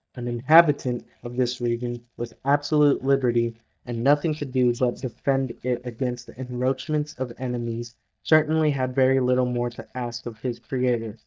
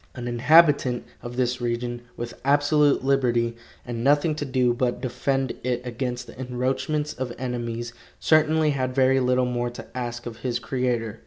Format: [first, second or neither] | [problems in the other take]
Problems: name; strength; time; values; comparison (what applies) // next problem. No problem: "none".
second | noise reduction (neural mask model DeepFilterNet 3)